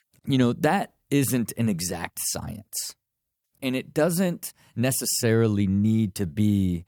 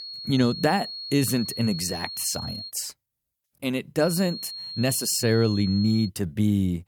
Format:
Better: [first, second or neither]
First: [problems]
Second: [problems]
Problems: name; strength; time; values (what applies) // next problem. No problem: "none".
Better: first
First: none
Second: high-pitched whine; loud; until 2.5 s and from 4 to 6 s; 4.5 kHz, 9 dB below the speech